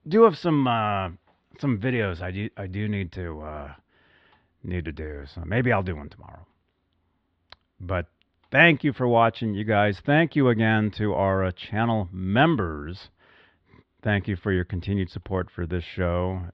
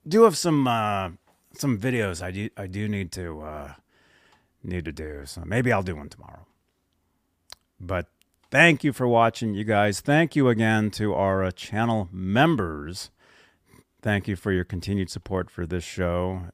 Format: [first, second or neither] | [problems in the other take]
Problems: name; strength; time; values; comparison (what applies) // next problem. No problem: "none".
second | muffled; slightly; fading above 4 kHz